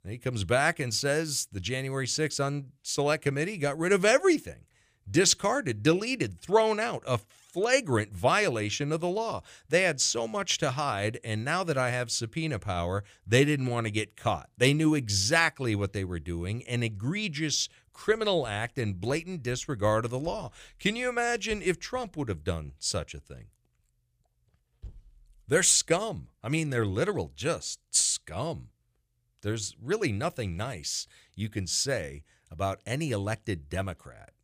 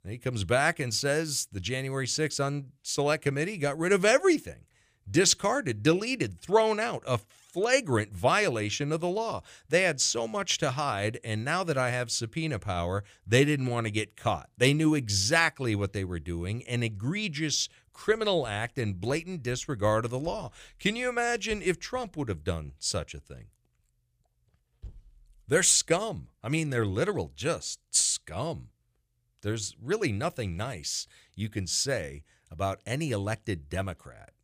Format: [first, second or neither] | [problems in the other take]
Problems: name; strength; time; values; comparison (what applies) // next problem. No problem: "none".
neither | none